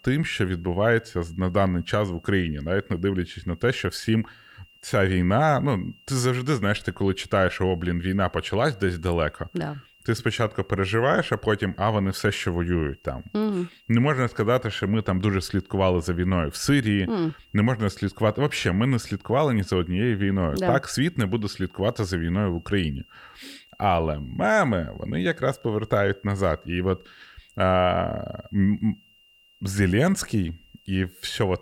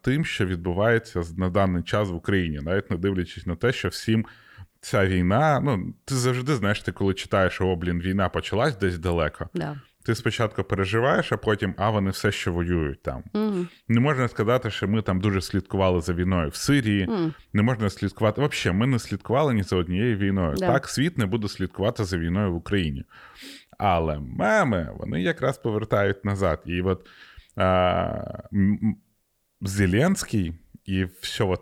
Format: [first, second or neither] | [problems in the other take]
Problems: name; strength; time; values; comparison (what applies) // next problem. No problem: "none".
second | high-pitched whine; faint; throughout; 3 kHz, 30 dB below the speech